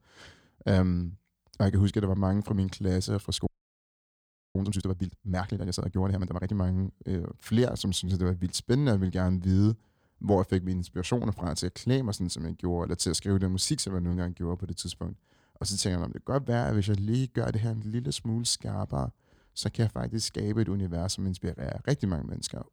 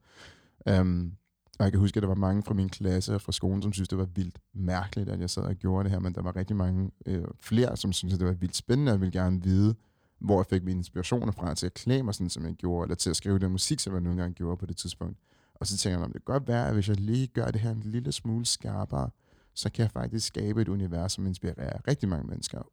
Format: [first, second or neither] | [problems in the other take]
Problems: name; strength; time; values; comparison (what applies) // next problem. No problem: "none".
second | audio freezing; at 3.5 s for 1 s